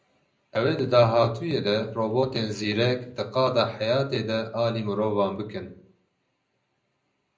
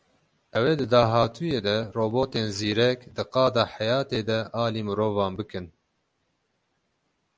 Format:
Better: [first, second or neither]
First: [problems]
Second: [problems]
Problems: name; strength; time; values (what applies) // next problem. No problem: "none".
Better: second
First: room echo; dies away in 0.5 s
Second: none